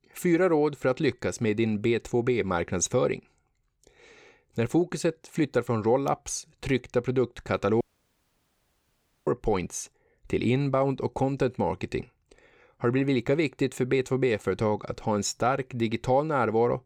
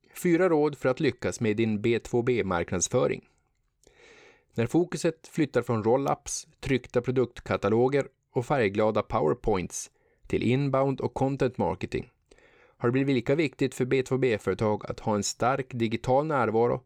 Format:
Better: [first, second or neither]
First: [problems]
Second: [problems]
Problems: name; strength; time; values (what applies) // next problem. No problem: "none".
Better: second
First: audio cutting out; at 8 s for 1.5 s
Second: none